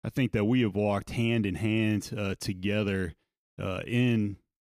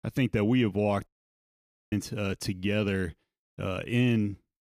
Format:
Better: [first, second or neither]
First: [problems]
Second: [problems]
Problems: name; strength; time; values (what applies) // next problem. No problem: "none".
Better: first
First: none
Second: audio cutting out; at 1 s for 1 s